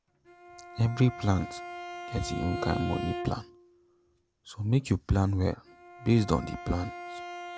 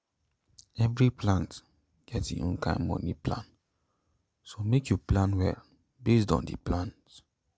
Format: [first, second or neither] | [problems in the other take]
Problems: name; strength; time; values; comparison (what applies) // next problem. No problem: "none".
second | background sound (Bowed string instrument); 11 dB below the speech